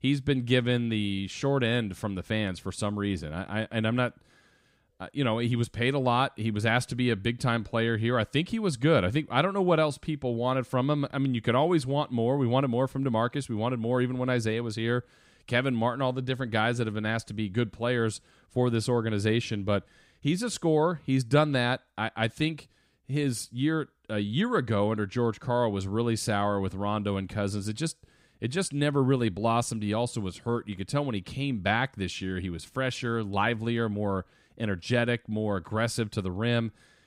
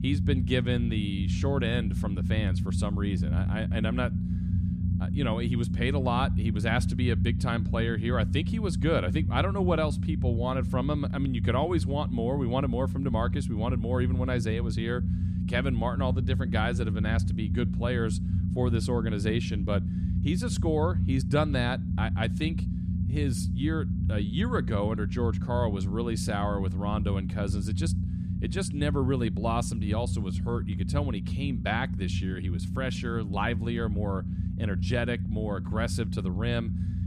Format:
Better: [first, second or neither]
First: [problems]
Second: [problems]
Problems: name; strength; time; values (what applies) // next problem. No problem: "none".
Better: first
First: none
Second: low rumble; loud; throughout; 8 dB below the speech